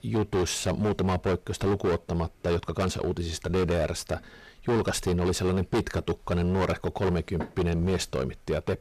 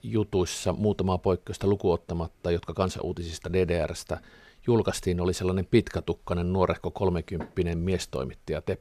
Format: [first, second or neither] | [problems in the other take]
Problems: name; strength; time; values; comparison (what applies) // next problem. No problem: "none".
second | distortion; heavy; 15% of the sound clipped